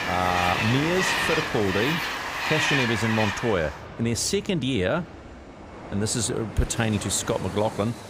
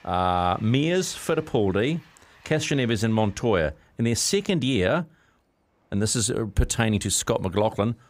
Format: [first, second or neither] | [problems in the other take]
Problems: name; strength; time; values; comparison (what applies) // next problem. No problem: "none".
second | train or aircraft noise; loud; throughout; 1 dB below the speech; faint in the second